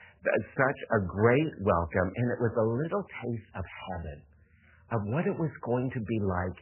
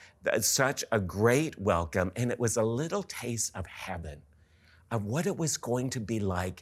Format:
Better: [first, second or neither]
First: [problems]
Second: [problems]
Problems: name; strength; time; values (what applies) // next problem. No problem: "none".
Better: second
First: garbled, watery; badly; nothing above 3 kHz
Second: none